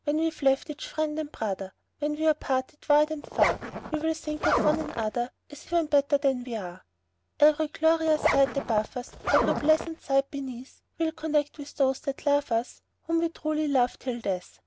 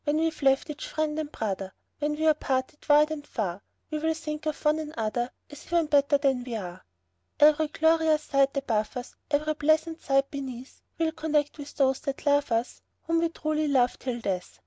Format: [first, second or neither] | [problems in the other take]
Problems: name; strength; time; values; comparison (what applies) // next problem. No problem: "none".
second | background sound (Zipper (clothing)); 3 dB below the speech